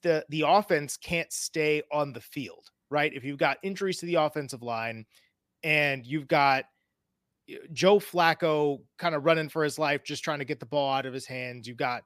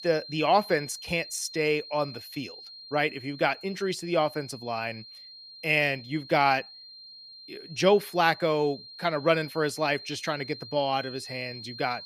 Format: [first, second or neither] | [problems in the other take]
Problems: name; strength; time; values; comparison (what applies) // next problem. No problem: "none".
first | high-pitched whine; noticeable; throughout; 4 kHz, 15 dB below the speech